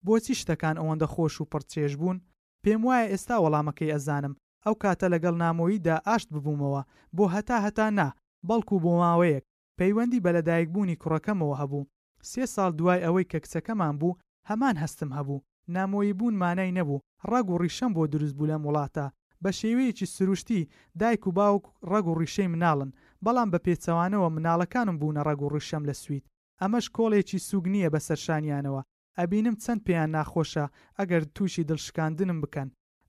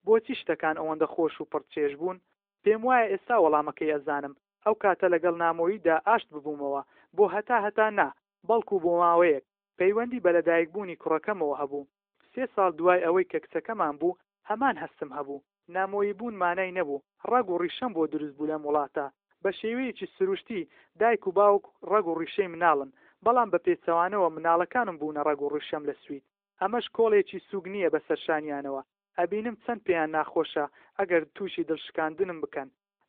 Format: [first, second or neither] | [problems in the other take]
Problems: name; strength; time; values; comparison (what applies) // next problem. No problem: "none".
first | phone-call audio; nothing above 3.5 kHz